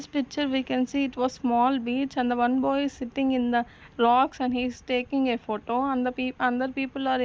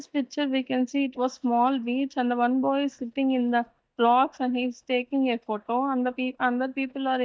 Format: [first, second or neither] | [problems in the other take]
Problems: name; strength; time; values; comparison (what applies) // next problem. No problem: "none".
first | noise reduction (neural mask model DeepFilterNet 3)